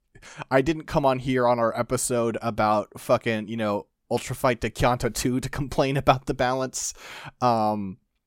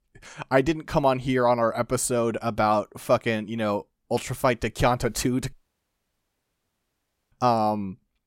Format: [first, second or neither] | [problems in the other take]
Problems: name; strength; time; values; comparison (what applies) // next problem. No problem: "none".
first | audio cutting out; at 5.5 s for 2 s